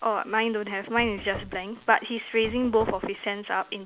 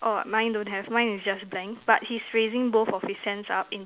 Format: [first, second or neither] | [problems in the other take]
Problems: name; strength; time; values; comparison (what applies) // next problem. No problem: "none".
second | background sound (Knock / Wood); 15 dB below the speech